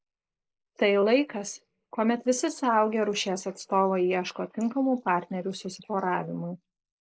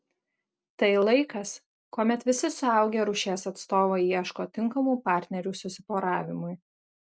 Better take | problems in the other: second | noise reduction (neural mask model Resemble Enhance denoiser)

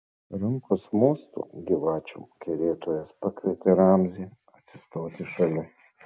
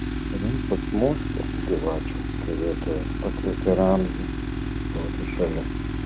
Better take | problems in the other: first | background sound (Tools); as loud as the speech

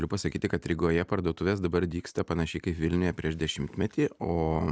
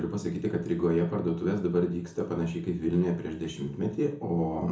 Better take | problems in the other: first | room echo; dies away in 0.5 s

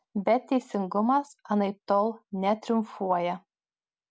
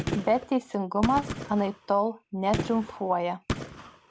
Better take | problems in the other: first | background sound (Gunshot, gunfire); 8 dB below the speech

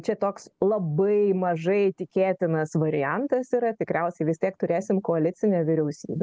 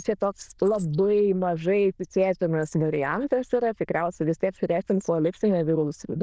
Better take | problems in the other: first | noise reduction (neural diffusion model UNIVERSE++)

